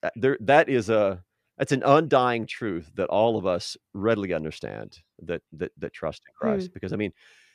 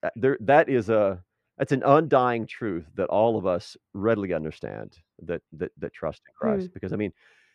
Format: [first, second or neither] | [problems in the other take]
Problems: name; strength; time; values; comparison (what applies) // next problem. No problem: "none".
first | muffled; slightly; fading above 2.5 kHz